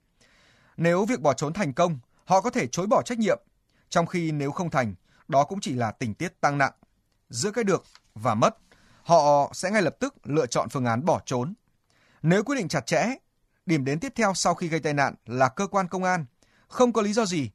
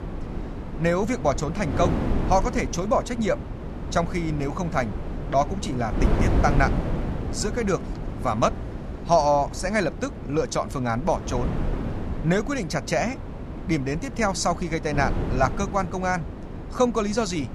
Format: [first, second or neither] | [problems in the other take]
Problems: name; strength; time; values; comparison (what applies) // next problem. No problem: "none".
first | wind noise on the microphone; occasional gusts; 10 dB below the speech